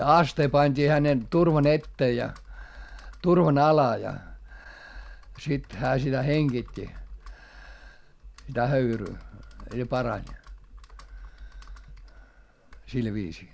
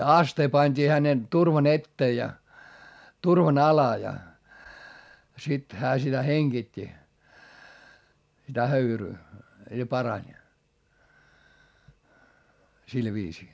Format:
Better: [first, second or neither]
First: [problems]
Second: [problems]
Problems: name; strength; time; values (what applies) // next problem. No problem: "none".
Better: second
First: background sound (Computer keyboard); 18 dB below the speech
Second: none